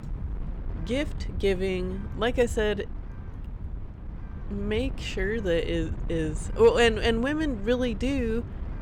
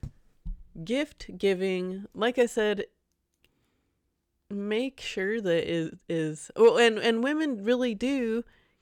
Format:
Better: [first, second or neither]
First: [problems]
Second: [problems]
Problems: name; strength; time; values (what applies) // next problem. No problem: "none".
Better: second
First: wind noise on the microphone; occasional gusts; 20 dB below the speech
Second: none